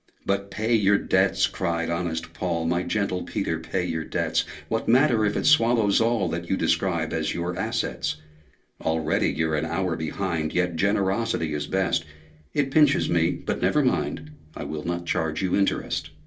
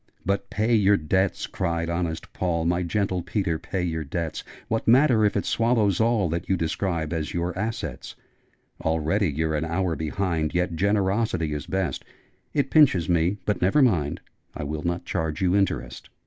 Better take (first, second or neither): second